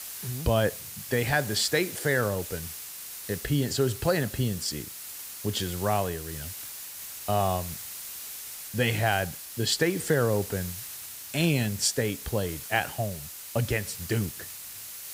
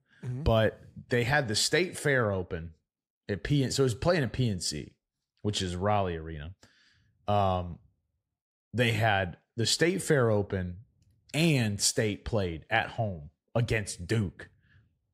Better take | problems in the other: second | hiss; loud; throughout; 9 dB below the speech

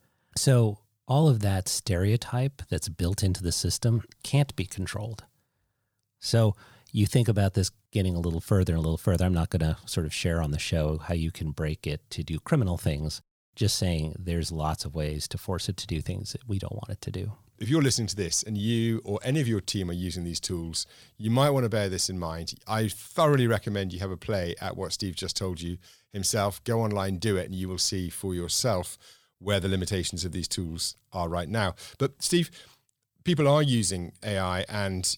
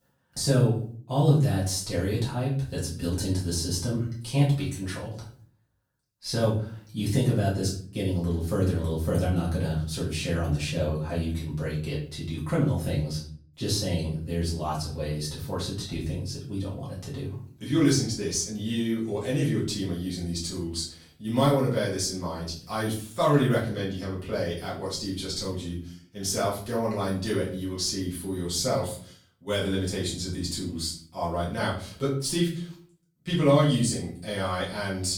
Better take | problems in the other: first | off-mic speech; far // room echo; noticeable; dies away in 0.4 s

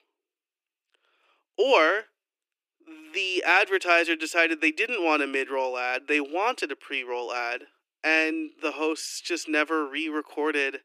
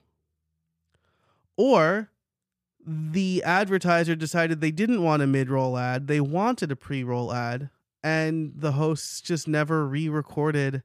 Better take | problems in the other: second | thin; very; fading below 300 Hz

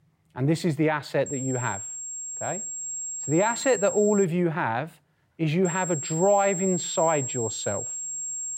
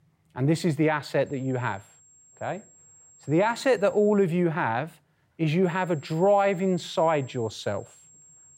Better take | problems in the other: second | high-pitched whine; loud; from 1.5 to 4.5 s and from 5.5 s on; 7.5 kHz, 5 dB below the speech; faint in the second

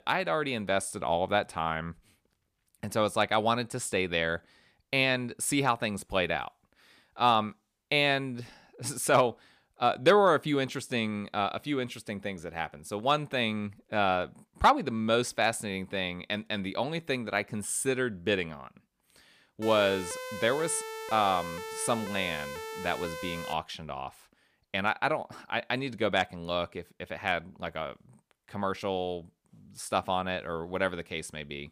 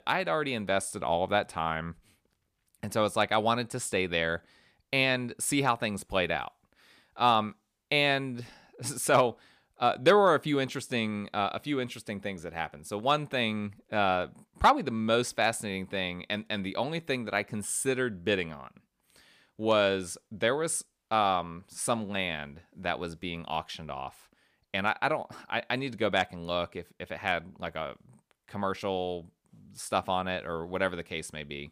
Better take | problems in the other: second | siren; noticeable; from 20 to 24 s; peak 9 dB below the speech

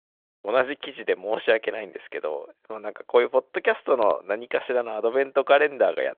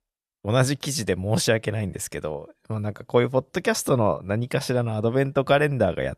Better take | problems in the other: second | phone-call audio; nothing above 3.5 kHz

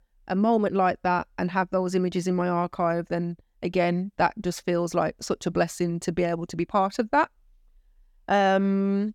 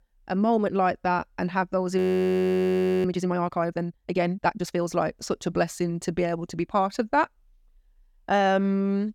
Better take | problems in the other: first | audio freezing; at 2 s for 1 s

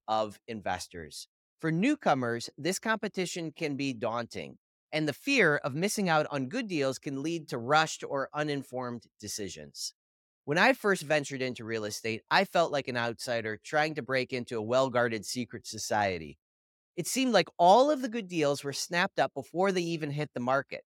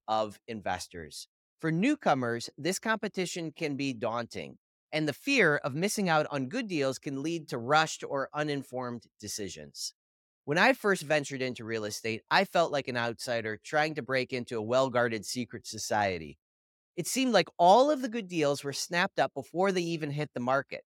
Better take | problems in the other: neither | none

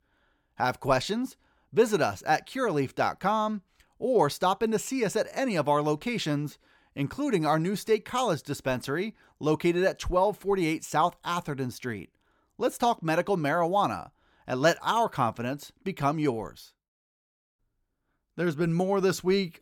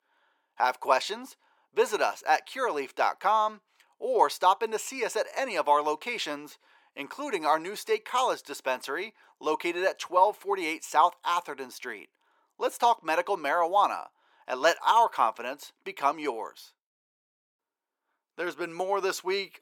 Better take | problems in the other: first | thin; very; fading below 400 Hz

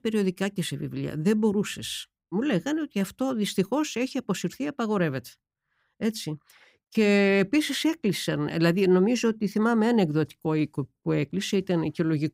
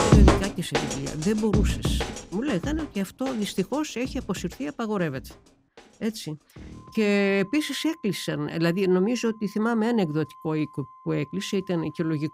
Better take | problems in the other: first | background music; very loud; throughout; as loud as the speech

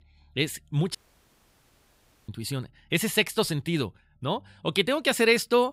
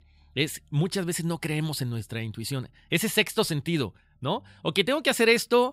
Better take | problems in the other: second | audio cutting out; at 1 s for 1.5 s

